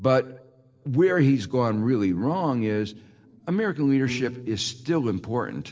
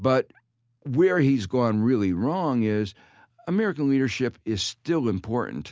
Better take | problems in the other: second | noise reduction (neural separator model SepFormer DNS4)

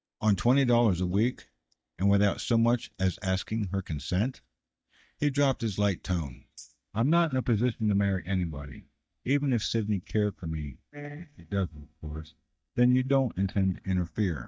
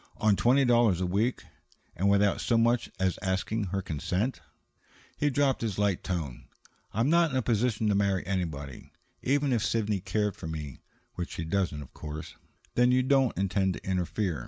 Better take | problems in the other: second | noise reduction (neural mask model DeepFilterNet 3)

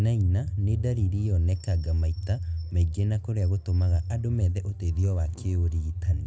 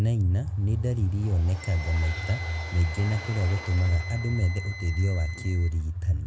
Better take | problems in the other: first | background sound (Wind instrument, woodwind instrument + Train); 16 dB below the speech

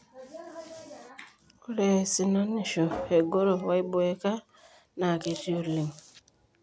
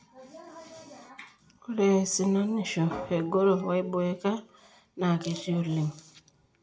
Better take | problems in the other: first | room echo; dies away in 0.4 s

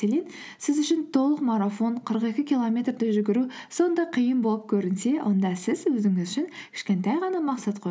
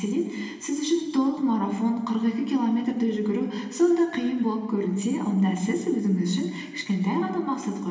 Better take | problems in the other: first | room echo; dies away in 1.3 s

